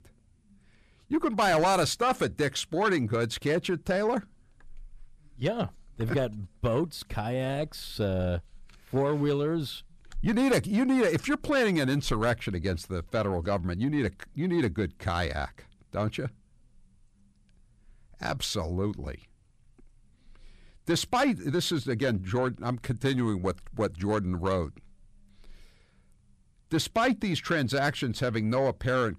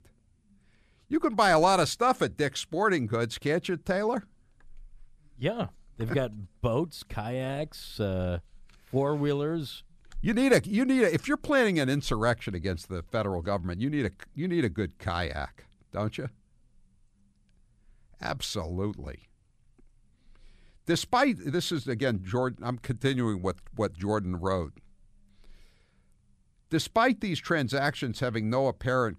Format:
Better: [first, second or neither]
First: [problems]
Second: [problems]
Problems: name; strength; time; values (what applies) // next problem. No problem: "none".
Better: second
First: distortion; slight; 10 dB below the speech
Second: none